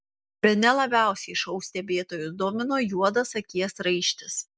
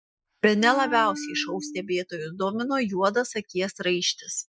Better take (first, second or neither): first